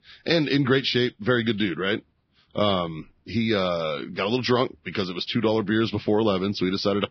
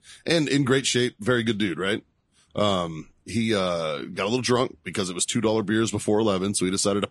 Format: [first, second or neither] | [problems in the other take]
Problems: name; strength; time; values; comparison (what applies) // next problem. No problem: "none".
second | garbled, watery; badly; nothing above 5.5 kHz; slightly in the second